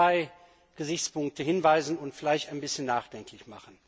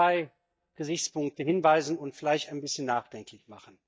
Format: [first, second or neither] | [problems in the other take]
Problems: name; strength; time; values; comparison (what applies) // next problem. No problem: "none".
first | noise reduction (neural mask model DeepFilterNet 3)